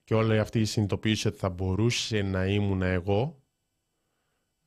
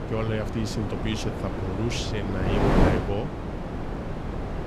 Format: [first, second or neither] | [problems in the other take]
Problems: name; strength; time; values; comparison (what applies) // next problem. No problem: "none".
first | wind noise on the microphone; heavy; 2 dB above the speech